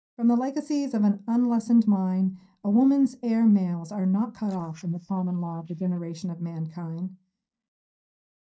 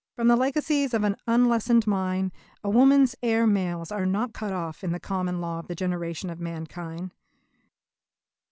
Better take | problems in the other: second | noise reduction (neural mask model DeepFilterNet 3)

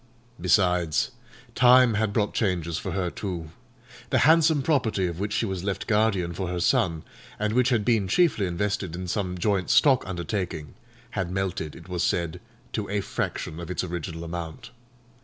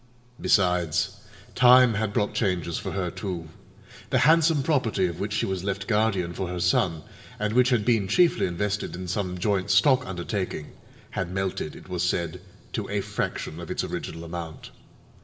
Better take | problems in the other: first | room echo; dies away in 2.5 s

